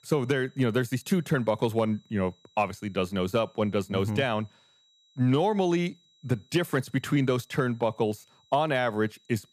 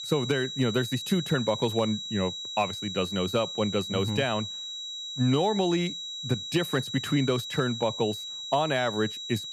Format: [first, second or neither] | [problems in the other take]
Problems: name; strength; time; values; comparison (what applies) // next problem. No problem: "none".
first | high-pitched whine; loud; throughout; 4 kHz, 6 dB below the speech; faint in the first